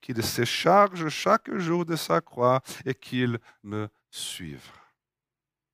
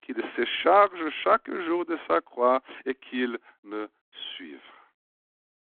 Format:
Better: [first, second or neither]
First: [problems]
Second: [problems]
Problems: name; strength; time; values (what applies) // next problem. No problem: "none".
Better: first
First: none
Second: phone-call audio